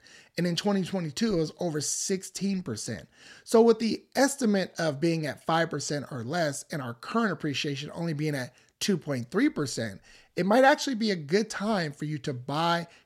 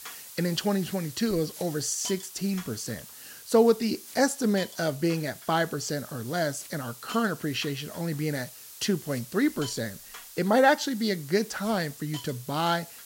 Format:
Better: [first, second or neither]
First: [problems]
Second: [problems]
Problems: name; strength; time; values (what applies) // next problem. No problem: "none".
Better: first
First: none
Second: hiss; noticeable; throughout; 15 dB below the speech